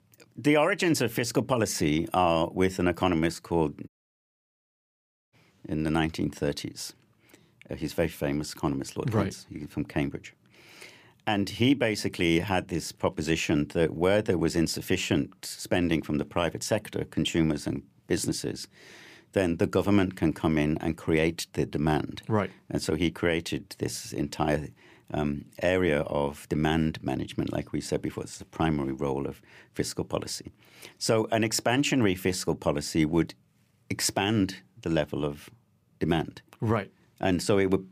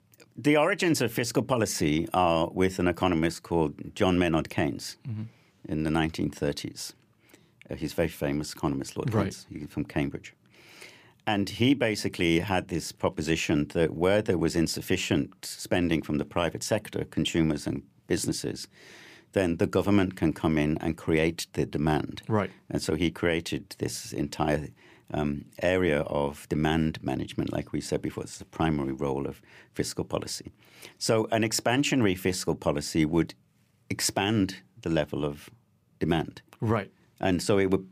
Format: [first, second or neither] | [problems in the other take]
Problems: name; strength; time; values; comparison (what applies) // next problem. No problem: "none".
second | audio cutting out; at 4 s for 1.5 s